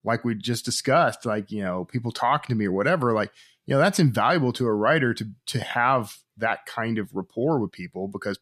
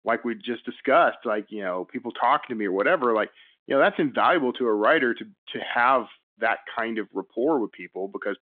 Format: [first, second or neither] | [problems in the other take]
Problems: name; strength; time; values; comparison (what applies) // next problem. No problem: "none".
first | phone-call audio